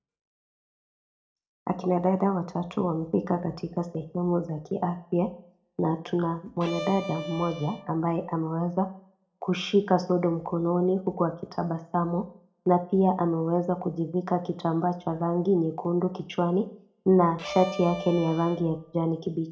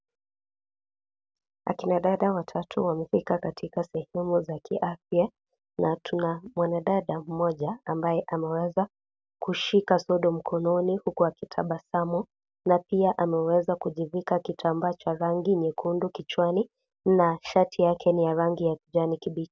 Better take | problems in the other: second | background sound (Bowed string instrument); 11 dB below the speech // room echo; dies away in 0.4 s

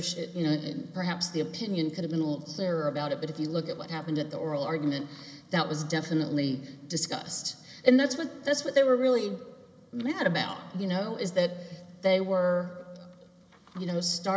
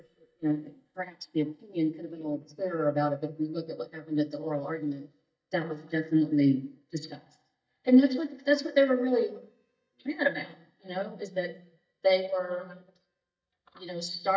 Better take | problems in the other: first | noise reduction (neural mask model DeepFilterNet 3)

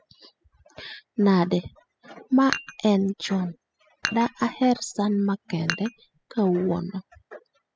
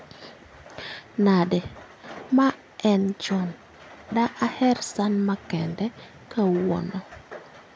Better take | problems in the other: second | noise reduction (classical method spectral subtraction)

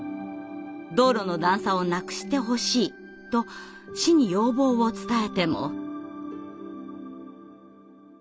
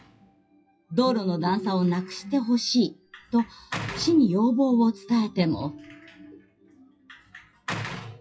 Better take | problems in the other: first | noise reduction (classical method WPE with log-MMSE)

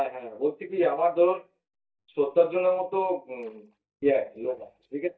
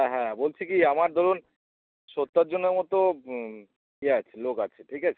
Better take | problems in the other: second | noise reduction (neural mask model DeepFilterNet 3)

